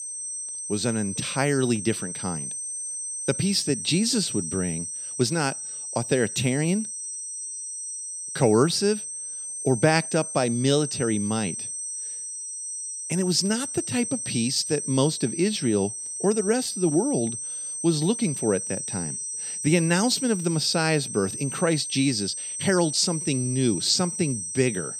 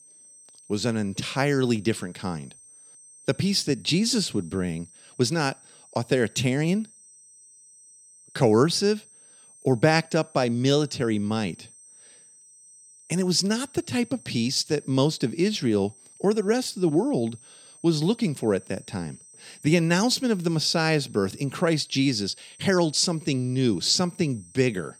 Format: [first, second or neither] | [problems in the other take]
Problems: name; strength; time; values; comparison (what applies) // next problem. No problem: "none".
second | high-pitched whine; loud; throughout; 8.5 kHz, 5 dB below the speech; faint in the second